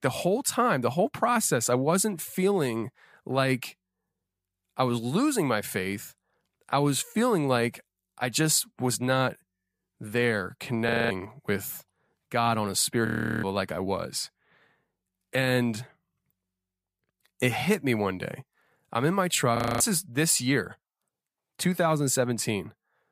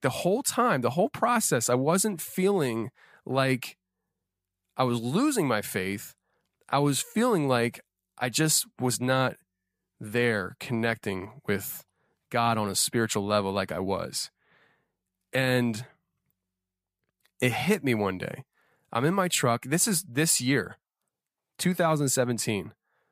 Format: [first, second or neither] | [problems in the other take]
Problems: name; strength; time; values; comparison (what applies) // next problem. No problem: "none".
second | audio freezing; at 11 s, at 13 s and at 20 s